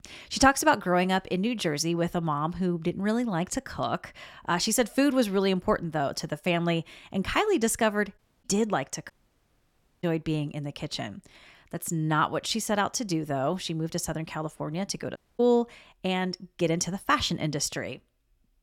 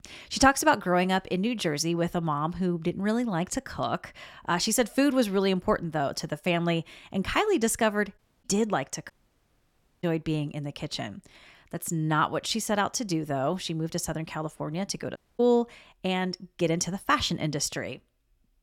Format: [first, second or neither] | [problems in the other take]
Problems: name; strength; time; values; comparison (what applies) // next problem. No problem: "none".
neither | audio cutting out; at 8 s, at 9 s for 1 s and at 15 s; the same in both